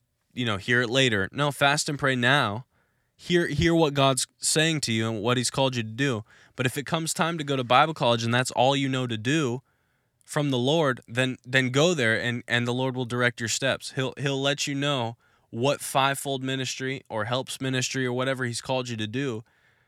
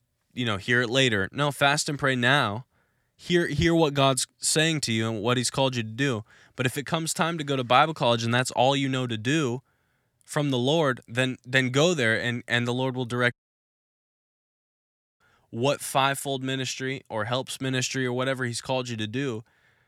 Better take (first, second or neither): first